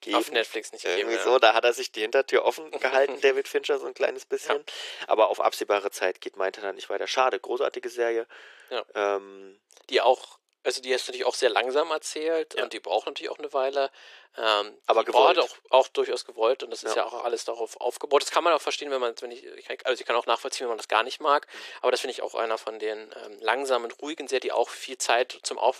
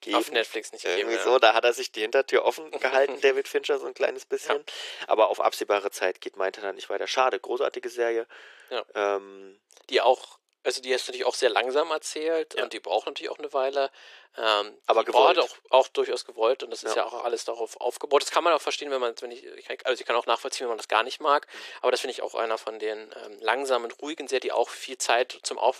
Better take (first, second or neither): neither